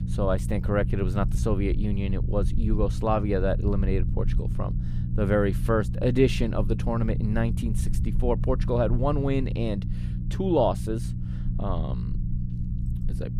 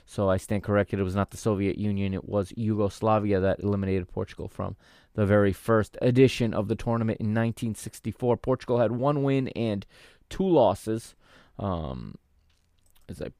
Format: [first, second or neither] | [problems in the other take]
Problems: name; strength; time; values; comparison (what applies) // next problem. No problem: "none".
second | low rumble; noticeable; throughout; 15 dB below the speech